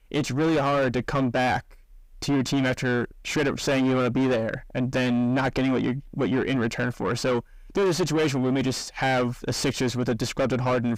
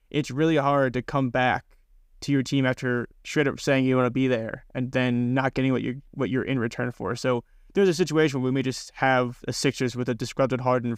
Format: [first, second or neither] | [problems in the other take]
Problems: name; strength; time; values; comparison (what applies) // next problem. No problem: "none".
second | distortion; heavy; 4 dB below the speech